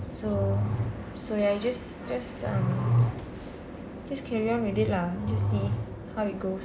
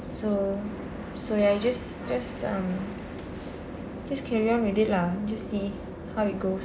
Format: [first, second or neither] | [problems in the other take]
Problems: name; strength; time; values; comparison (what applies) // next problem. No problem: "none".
second | background sound (Growling); as loud as the speech